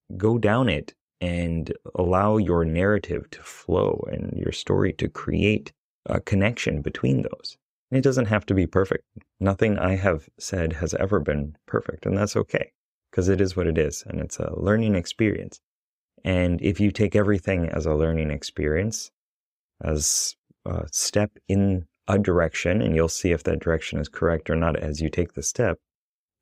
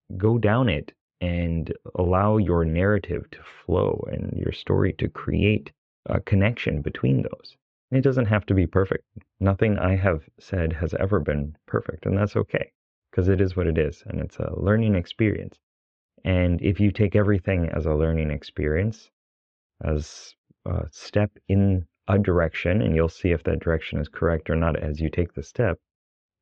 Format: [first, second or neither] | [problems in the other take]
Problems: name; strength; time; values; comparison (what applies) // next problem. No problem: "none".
first | muffled; very; fading above 3.5 kHz